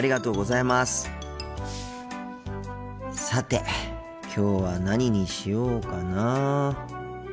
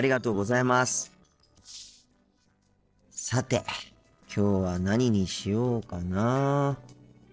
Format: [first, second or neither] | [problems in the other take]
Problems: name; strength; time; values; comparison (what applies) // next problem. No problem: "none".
first | noise reduction (neural separator model SepFormer DNS4)